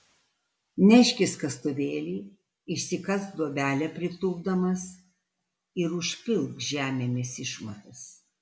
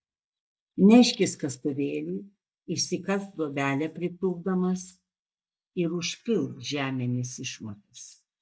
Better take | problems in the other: first | noise reduction (neural mask model DeepFilterNet 3)

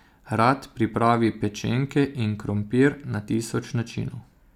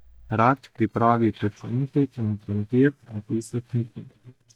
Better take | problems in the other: first | noise reduction (neural mask model DeepFilterNet 3)

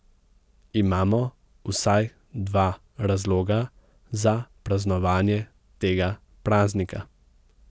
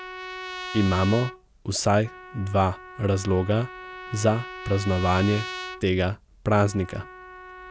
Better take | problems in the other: first | background sound (Trumpet); 13 dB below the speech

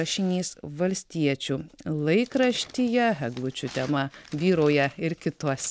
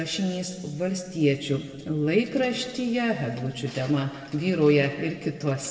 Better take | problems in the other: first | room echo; dies away in 1.7 s

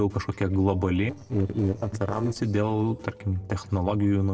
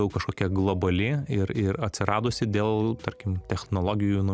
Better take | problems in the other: second | noise reduction (neural separator model SepFormer DNS4)

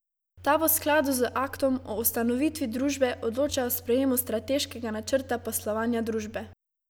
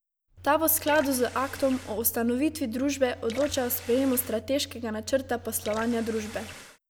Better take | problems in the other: first | background sound (Water tap, faucet / Water); 17 dB below the speech

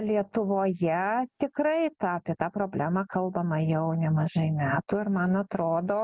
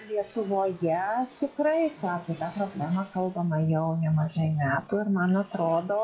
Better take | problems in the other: first | noise reduction (classical method log-MMSE)

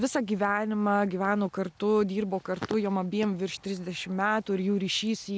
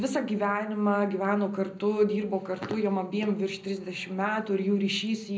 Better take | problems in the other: first | room echo; dies away in 0.5 s

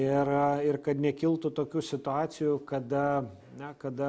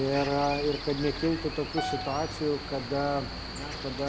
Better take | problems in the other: first | background sound (Piano + Cricket); 7 dB below the speech

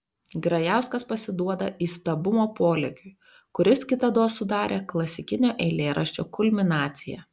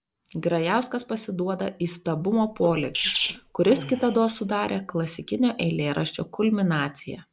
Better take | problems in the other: first | background sound (Sneeze); 9 dB below the speech

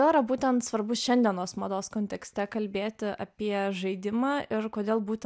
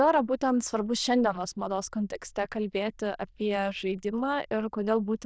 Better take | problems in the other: first | noise reduction (neural diffusion model UNIVERSE++)

